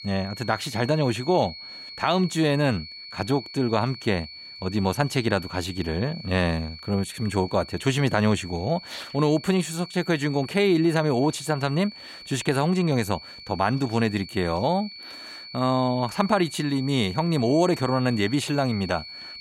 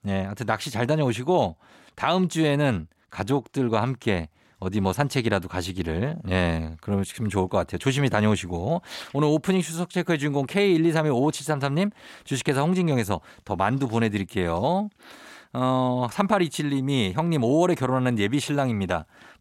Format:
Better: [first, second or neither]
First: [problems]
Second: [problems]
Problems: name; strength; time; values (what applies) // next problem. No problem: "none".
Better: second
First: high-pitched whine; noticeable; throughout; 4.5 kHz, 15 dB below the speech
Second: none